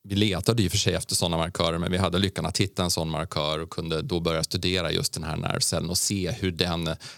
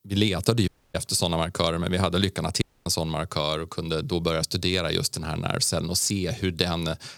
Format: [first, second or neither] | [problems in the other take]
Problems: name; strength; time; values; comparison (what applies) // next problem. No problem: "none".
first | audio cutting out; at 0.5 s and at 2.5 s